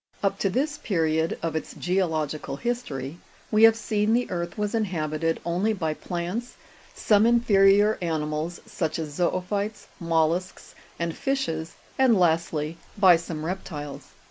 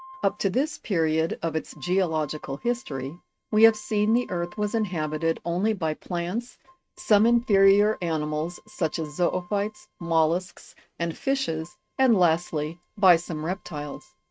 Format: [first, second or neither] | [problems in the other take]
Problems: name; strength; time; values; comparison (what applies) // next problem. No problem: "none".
first | noise reduction (neural mask model RNNoise)